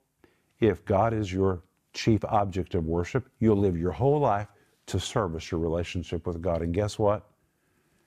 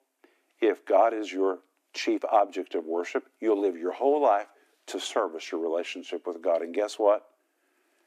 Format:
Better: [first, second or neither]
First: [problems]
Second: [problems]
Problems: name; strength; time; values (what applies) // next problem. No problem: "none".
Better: first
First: none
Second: thin; somewhat; fading below 250 Hz